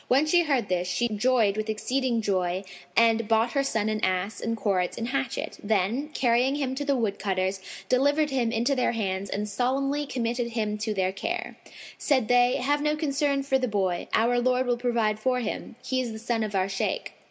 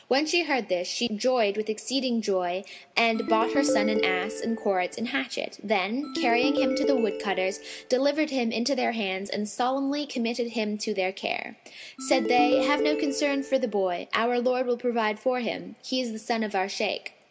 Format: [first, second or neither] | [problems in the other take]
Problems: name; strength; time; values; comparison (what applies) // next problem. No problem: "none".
first | background sound (Ringtone); 2 dB below the speech